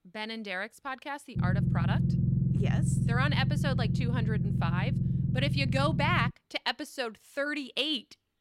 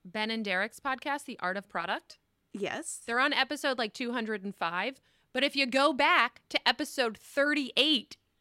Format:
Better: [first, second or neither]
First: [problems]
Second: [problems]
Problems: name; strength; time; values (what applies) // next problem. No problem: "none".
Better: second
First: low rumble; loud; from 1.5 to 6.5 s; 7 dB below the speech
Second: none